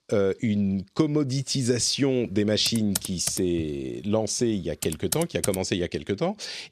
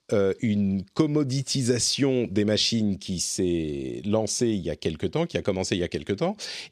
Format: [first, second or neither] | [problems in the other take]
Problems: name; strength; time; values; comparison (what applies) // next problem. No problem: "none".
second | keyboard typing; noticeable; from 2.5 to 5.5 s; peak 3 dB below the speech